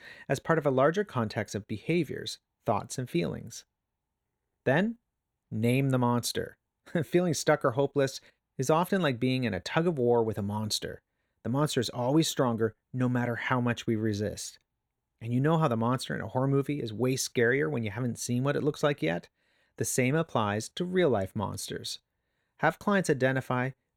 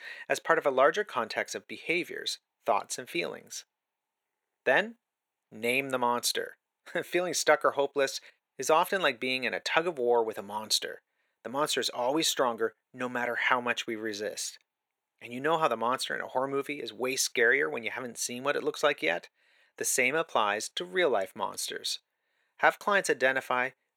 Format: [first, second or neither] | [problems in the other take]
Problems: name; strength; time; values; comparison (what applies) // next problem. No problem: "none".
first | thin; very; fading below 500 Hz